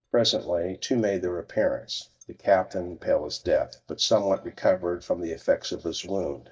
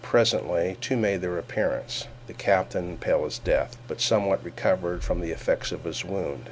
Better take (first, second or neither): second